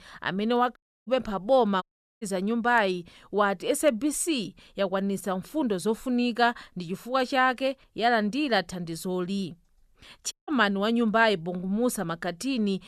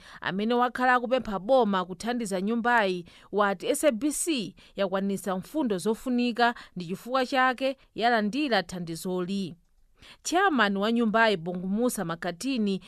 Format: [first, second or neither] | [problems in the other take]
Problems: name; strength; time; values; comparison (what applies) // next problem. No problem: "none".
second | audio cutting out; at 1 s, at 2 s and at 10 s